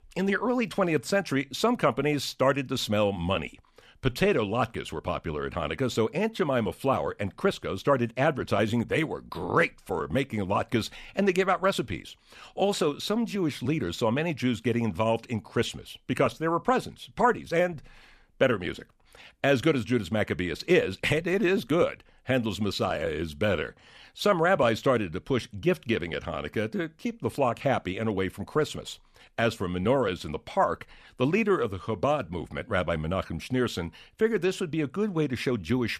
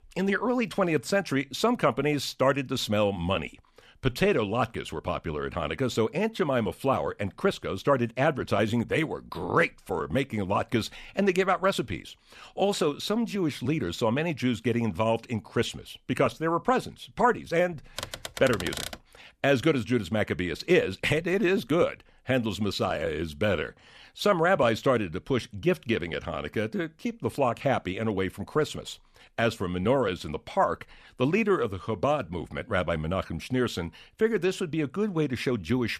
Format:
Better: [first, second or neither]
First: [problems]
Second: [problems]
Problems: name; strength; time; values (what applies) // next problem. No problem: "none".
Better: first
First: none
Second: keyboard typing; noticeable; at 18 s; peak 6 dB below the speech